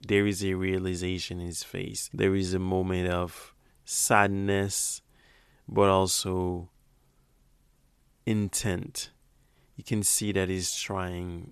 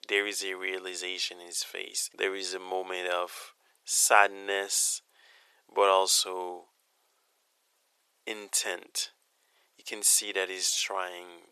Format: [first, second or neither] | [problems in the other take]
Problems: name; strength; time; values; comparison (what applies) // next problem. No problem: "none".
first | thin; very; fading below 500 Hz